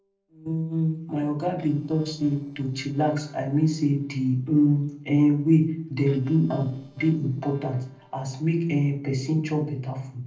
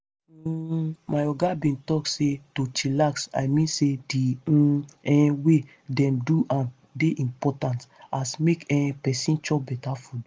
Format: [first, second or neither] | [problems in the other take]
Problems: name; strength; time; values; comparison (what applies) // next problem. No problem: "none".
second | noise reduction (neural separator model SepFormer DNS4)